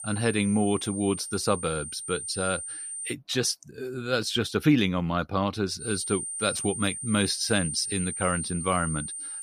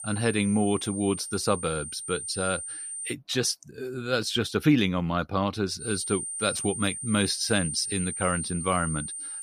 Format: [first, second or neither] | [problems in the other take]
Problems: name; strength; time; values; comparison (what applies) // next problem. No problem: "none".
neither | high-pitched whine; loud; until 3 s and from 6 s on; 9 kHz, 6 dB below the speech; the same in both